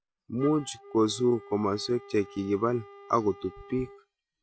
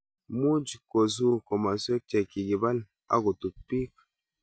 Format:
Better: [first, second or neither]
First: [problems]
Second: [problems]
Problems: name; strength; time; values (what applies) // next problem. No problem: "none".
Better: second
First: background sound (Wind instrument, woodwind instrument); 19 dB below the speech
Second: none